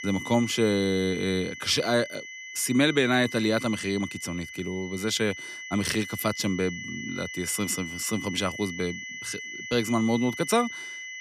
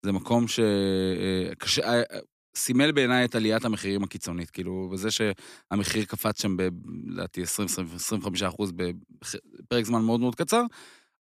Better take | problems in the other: second | high-pitched whine; loud; throughout; 2 kHz, 10 dB below the speech

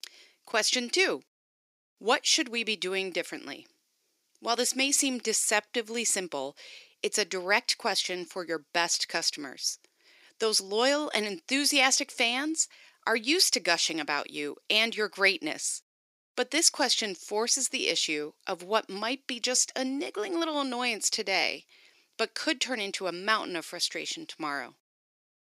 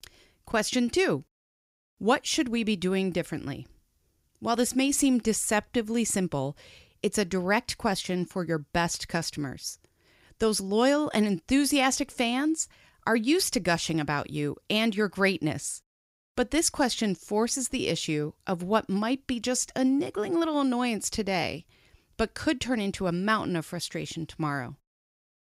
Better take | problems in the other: second | thin; somewhat; fading below 350 Hz

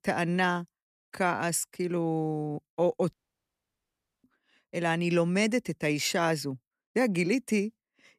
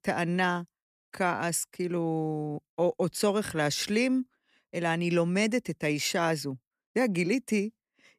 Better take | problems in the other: second | audio cutting out; at 3 s for 1 s

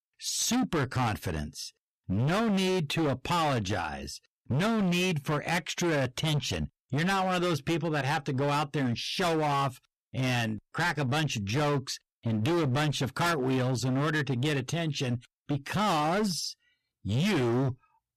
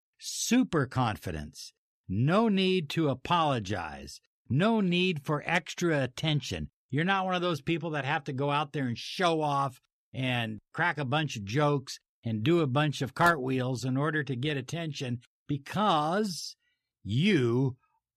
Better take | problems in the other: second | distortion; heavy; 23% of the sound clipped

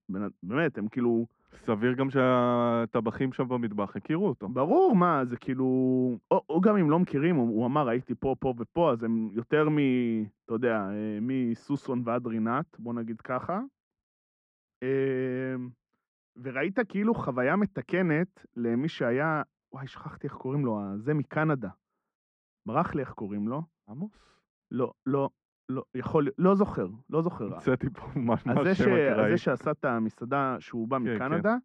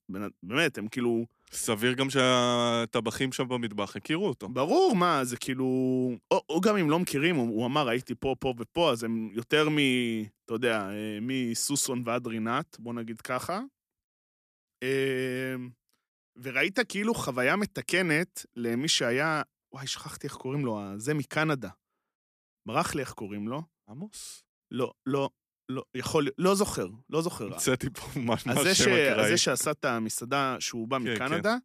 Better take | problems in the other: second | muffled; very; fading above 1 kHz

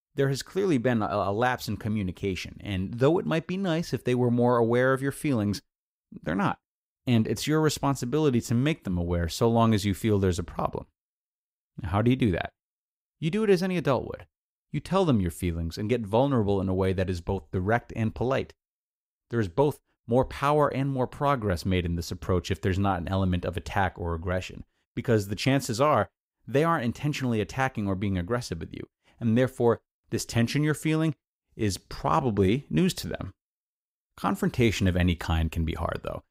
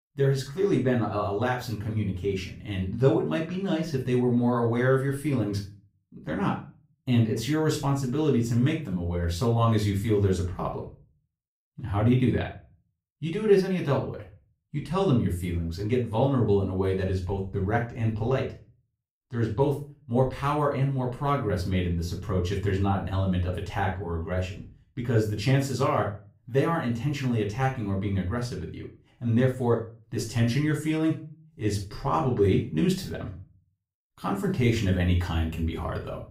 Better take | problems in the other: first | off-mic speech; far // room echo; slight; dies away in 0.3 s

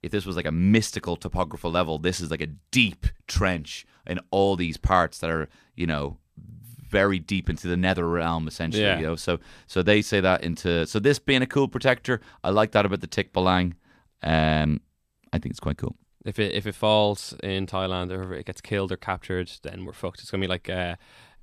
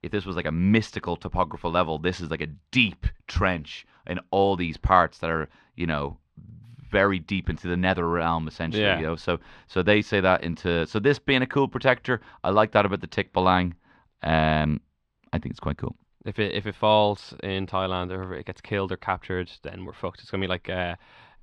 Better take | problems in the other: first | muffled; slightly; fading above 3 kHz

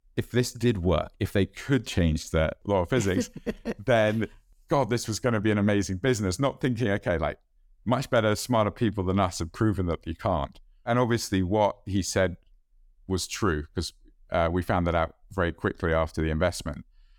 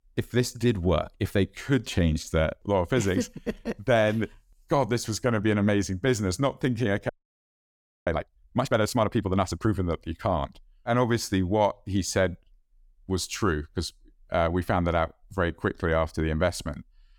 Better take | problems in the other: first | audio freezing; at 7 s for 1 s

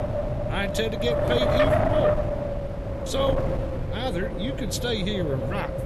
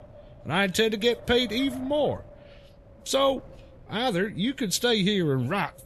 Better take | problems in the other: second | wind noise on the microphone; heavy; 3 dB above the speech; occasional gusts in the second

